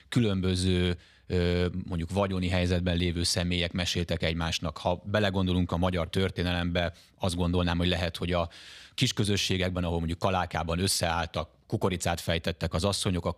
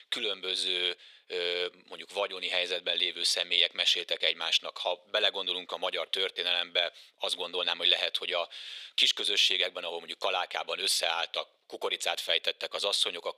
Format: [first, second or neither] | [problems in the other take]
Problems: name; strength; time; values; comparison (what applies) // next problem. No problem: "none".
first | thin; very; fading below 450 Hz